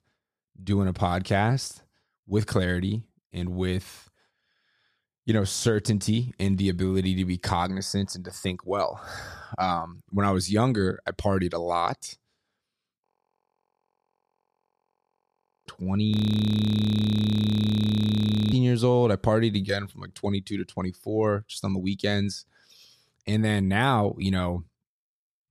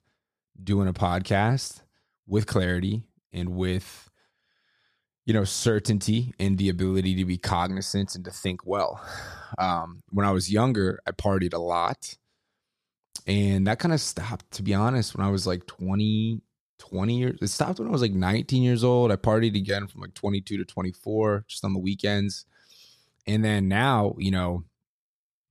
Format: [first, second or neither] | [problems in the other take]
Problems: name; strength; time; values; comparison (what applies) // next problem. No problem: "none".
second | audio freezing; at 13 s for 2.5 s and at 16 s for 2.5 s